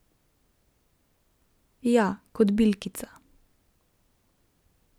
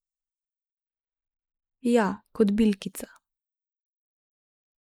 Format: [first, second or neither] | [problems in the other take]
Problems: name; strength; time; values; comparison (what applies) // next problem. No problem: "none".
first | noise reduction (neural mask model Resemble Enhance denoiser)